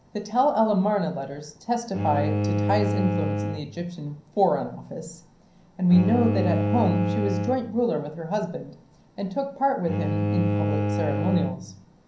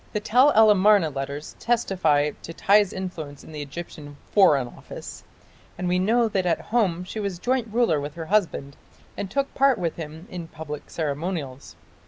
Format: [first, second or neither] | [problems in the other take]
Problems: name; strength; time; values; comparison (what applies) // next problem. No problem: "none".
second | background sound (Bowed string instrument); 3 dB below the speech // room echo; dies away in 0.6 s